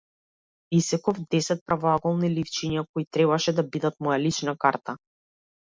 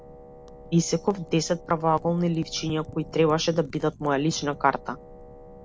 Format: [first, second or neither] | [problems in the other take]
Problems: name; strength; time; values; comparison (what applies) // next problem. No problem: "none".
first | background sound (Wind instrument, woodwind instrument + Wind / Fire); 18 dB below the speech